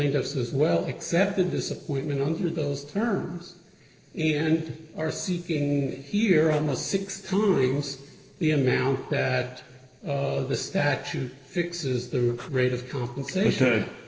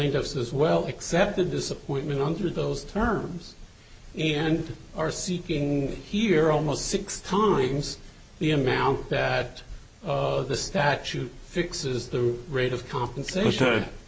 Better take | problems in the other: second | noise reduction (neural separator model SepFormer DNS4)

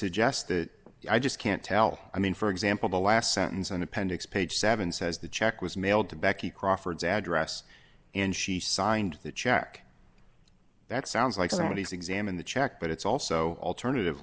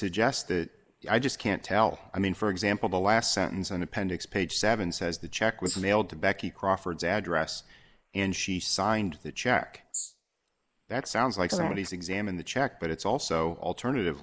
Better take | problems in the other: first | noise reduction (neural mask model Resemble Enhance denoiser)

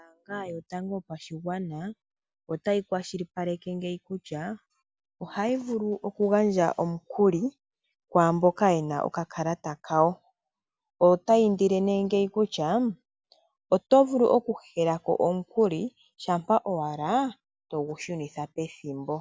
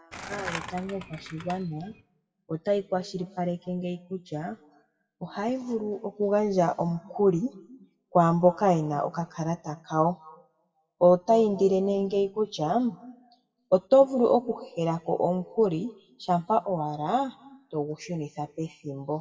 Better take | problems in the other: first | noise reduction (classical method WPE with log-MMSE)

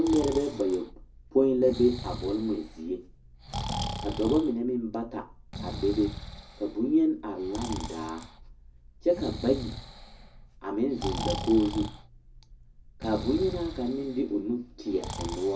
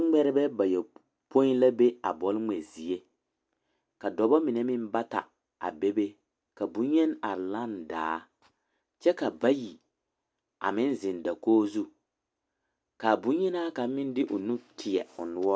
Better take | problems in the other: second | background sound (Breathing); 9 dB below the speech // room echo; dies away in 0.4 s

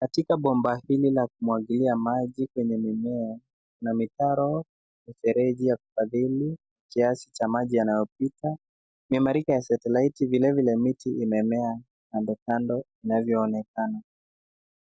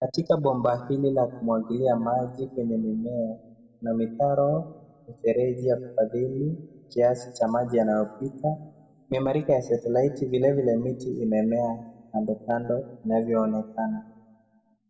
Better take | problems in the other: first | room echo; dies away in 1.3 s

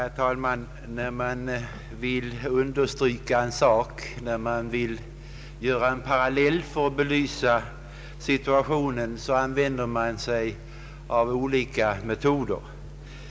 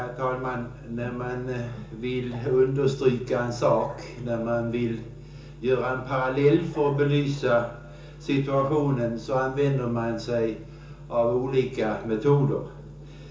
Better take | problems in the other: first | background sound (Bark); 19 dB below the speech // room echo; dies away in 0.7 s

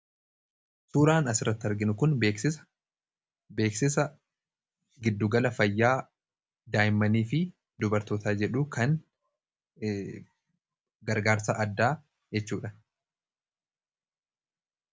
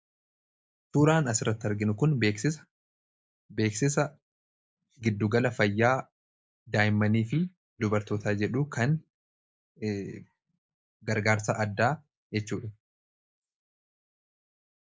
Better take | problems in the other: first | noise reduction (neural mask model Resemble Enhance denoiser)

